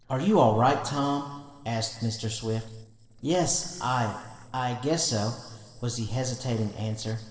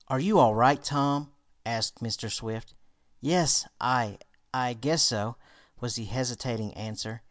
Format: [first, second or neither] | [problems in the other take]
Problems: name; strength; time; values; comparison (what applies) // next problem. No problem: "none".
second | noise reduction (neural separator model SepFormer DNS4)